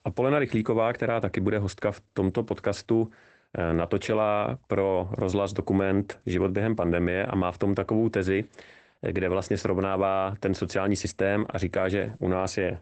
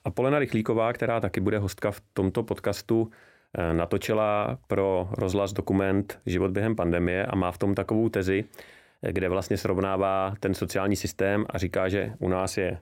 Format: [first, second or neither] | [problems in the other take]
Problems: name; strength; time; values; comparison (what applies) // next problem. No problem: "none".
second | garbled, watery; badly; nothing above 8 kHz